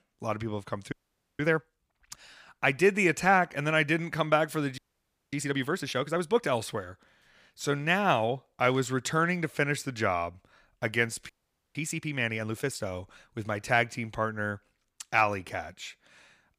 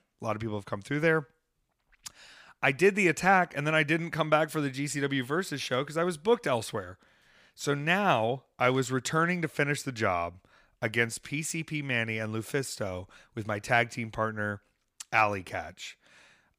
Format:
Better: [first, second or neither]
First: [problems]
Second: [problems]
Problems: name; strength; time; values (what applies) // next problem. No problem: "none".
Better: second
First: audio freezing; at 1 s, at 5 s for 0.5 s and at 11 s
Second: none